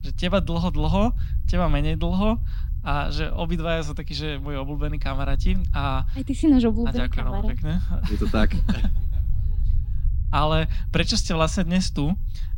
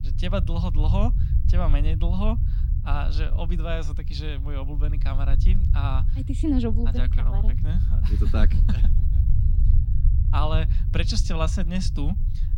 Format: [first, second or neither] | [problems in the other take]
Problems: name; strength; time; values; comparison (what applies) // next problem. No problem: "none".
first | low rumble; loud; throughout; 9 dB below the speech; faint in the first